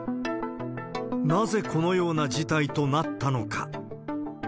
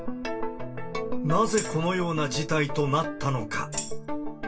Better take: first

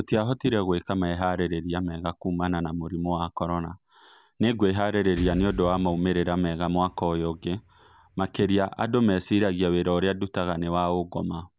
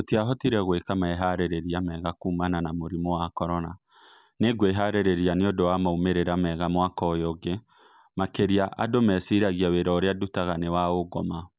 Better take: second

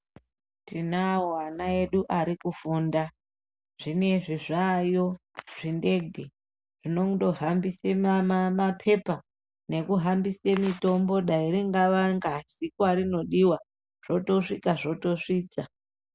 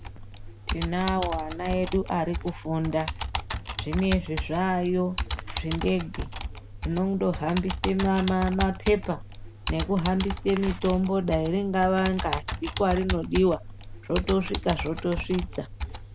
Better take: first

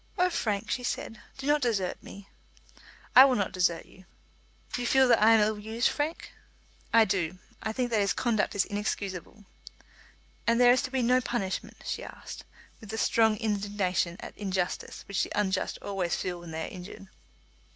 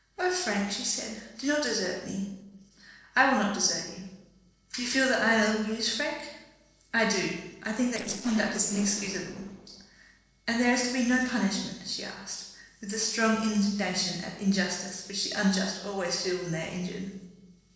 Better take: first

